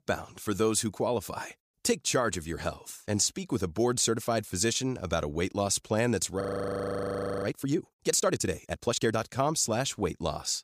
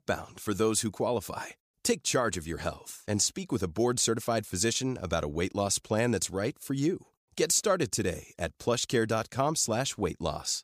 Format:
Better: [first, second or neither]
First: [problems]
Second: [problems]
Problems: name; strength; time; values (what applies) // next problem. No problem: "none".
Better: second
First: audio freezing; at 6.5 s for 1 s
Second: none